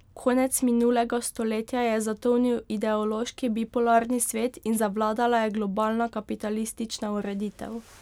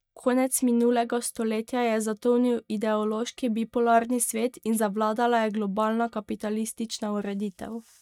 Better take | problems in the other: first | noise reduction (neural mask model DeepFilterNet 3)

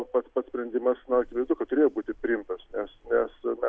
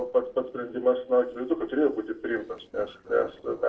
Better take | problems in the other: first | noise reduction (neural separator model SepFormer DNS4)

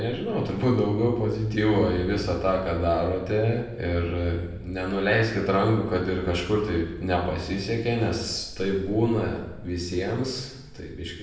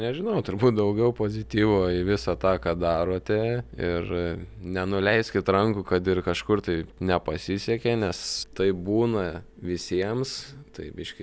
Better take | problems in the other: second | room echo; dies away in 0.8 s

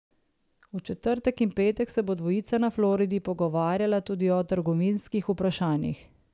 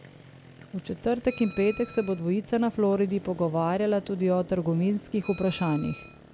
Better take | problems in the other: first | background sound (Motorcycle + Bell); 18 dB below the speech

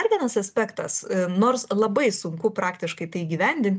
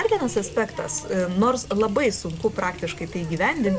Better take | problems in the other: first | background sound (Water tap, faucet); 13 dB below the speech

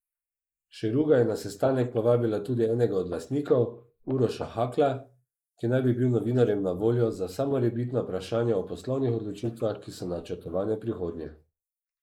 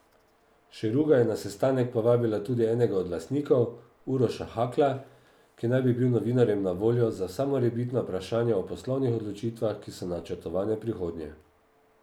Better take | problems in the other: second | noise reduction (neural mask model Resemble Enhance denoiser)

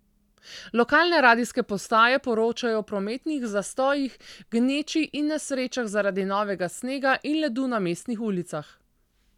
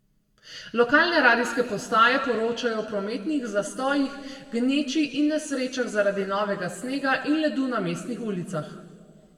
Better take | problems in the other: first | room echo; dies away in 1.7 s

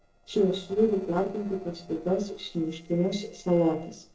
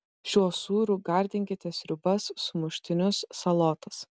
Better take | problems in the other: second | noise reduction (neural separator model SepFormer DNS4)

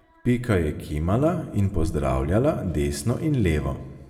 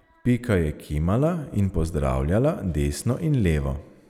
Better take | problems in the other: second | room echo; dies away in 0.7 s

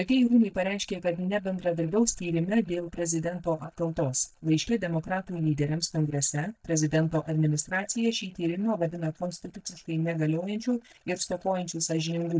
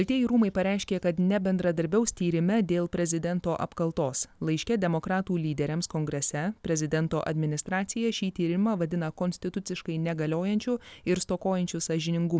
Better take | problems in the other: second | noise reduction (neural mask model DeepFilterNet 3)

